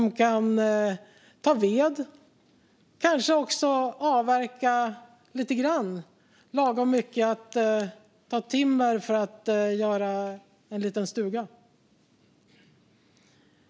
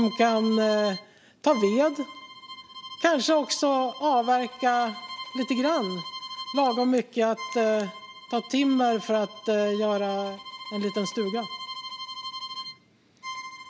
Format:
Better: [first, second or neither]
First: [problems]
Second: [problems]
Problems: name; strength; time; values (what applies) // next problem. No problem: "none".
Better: first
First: none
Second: background sound (Bowed string instrument); 13 dB below the speech